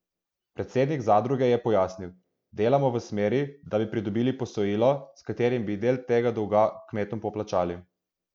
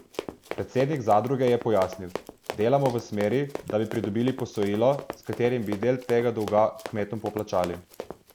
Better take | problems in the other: first | background sound (Run); 13 dB below the speech

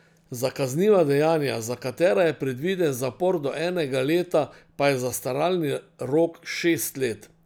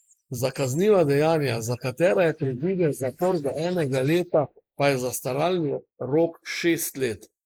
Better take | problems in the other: first | noise reduction (neural mask model Resemble Enhance denoiser)

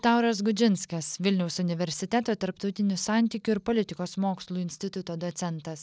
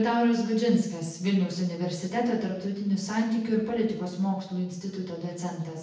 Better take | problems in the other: first | room echo; dies away in 0.8 s

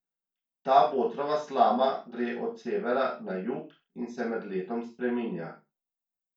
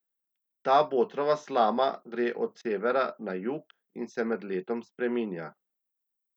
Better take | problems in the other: second | room echo; dies away in 0.3 s

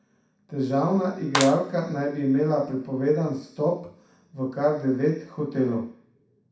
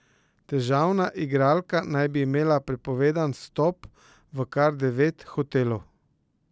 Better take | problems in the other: second | background sound (Clapping); 8 dB below the speech // room echo; dies away in 0.6 s

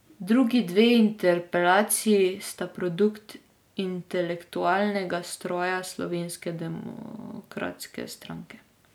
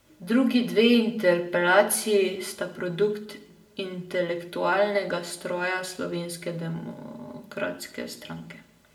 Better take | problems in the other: first | room echo; dies away in 0.6 s

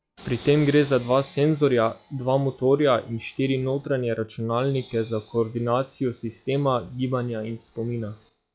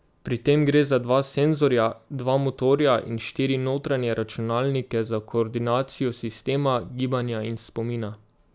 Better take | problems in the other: second | noise reduction (classical method log-MMSE)

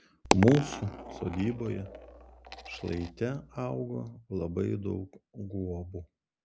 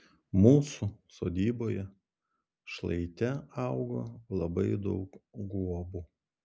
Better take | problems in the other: second | background sound (Coin (dropping)); 4 dB below the speech

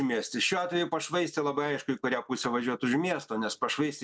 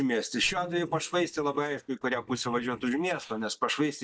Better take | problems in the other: first | noise reduction (neural mask model DeepFilterNet 3)

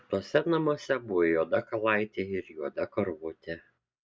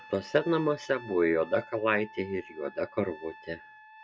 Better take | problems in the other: first | background sound (Trumpet); 19 dB below the speech

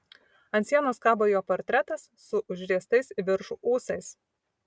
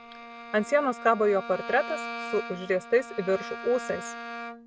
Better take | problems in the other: first | background sound (Bowed string instrument); 11 dB below the speech

